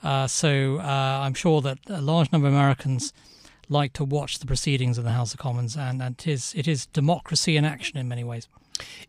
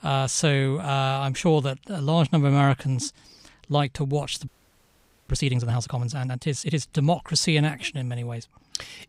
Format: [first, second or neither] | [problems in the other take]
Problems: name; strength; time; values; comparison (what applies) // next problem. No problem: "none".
first | audio freezing; at 4.5 s for 1 s